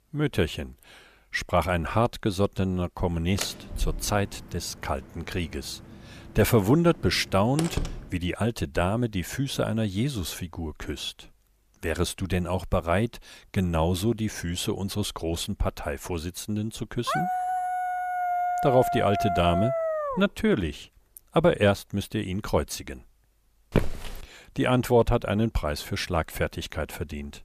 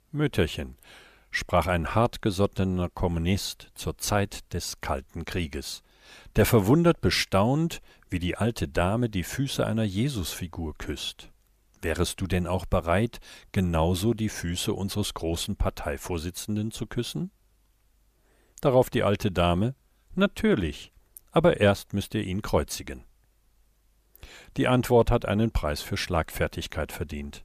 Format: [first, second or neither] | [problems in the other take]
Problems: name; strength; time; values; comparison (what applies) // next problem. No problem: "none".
second | door banging; noticeable; from 3.5 to 8 s; peak 5 dB below the speech // dog barking; loud; from 17 to 20 s; peak level with the speech // footsteps; noticeable; at 24 s; peak 1 dB below the speech